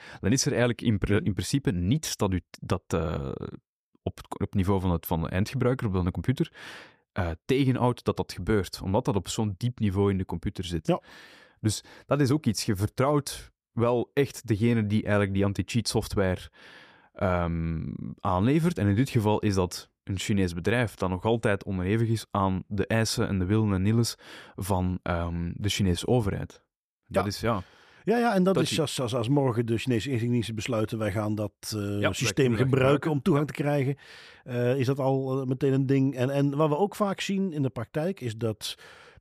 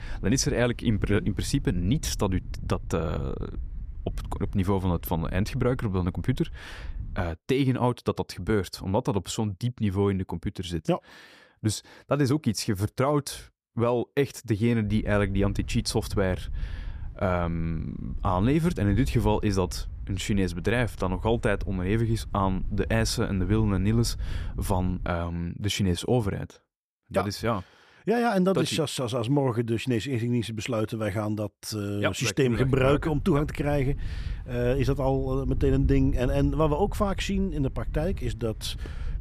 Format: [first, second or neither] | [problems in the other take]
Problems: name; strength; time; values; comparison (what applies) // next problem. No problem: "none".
first | wind noise on the microphone; occasional gusts; until 7.5 s, from 15 to 25 s and from 33 s on; 25 dB below the speech